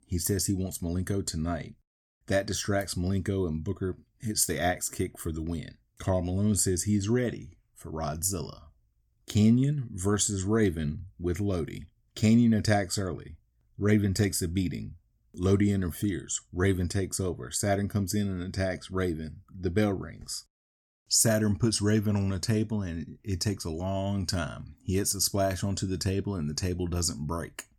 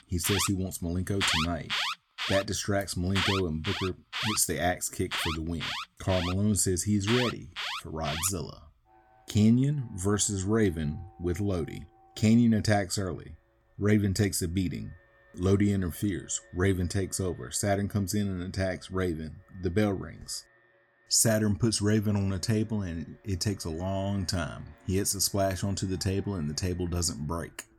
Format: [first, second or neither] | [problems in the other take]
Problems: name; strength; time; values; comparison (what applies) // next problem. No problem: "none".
first | alarms or sirens; loud; throughout; 4 dB below the speech